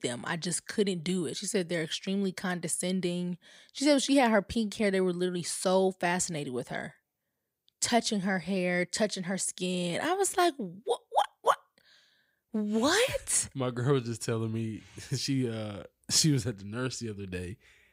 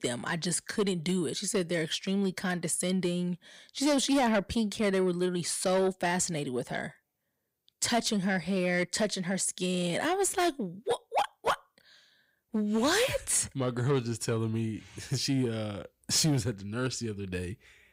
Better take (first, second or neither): first